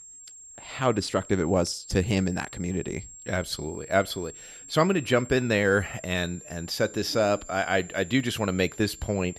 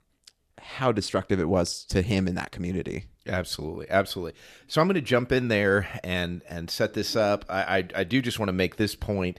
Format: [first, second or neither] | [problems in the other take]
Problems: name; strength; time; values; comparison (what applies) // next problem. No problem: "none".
second | high-pitched whine; noticeable; throughout; 7.5 kHz, 15 dB below the speech